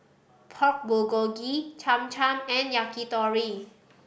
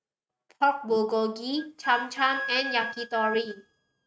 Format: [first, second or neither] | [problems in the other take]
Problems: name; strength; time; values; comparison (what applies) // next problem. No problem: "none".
first | noise reduction (neural mask model RNNoise)